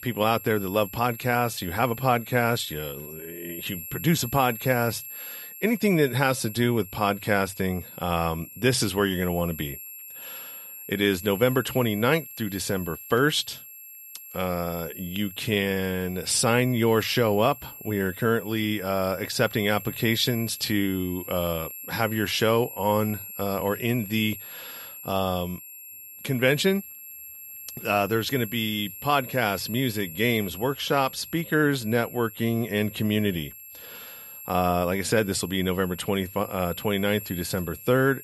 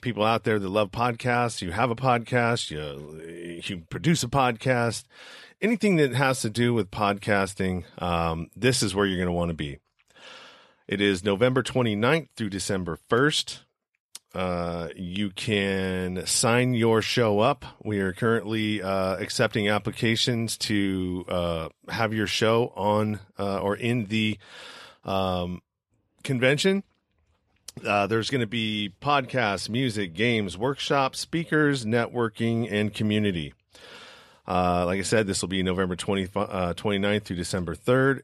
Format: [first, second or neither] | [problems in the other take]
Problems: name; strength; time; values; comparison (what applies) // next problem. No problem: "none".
second | high-pitched whine; noticeable; throughout; 11.5 kHz, 15 dB below the speech